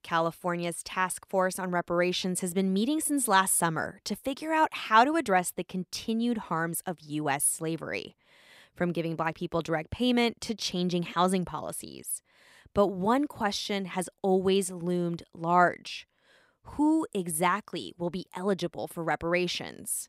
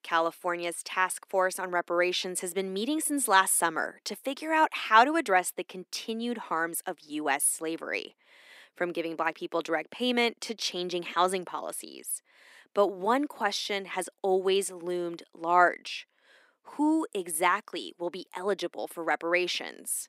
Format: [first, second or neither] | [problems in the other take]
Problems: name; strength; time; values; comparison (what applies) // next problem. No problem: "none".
first | thin; somewhat; fading below 250 Hz